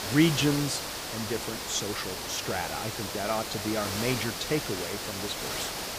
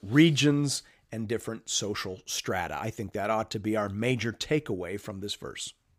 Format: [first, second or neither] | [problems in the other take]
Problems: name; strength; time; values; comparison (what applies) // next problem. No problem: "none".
second | hiss; loud; throughout; 2 dB below the speech